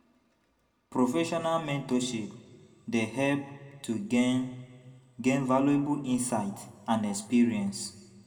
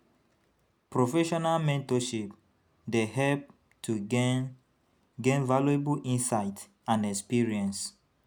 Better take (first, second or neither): second